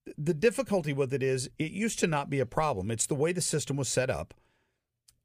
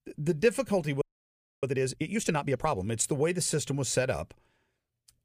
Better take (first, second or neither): first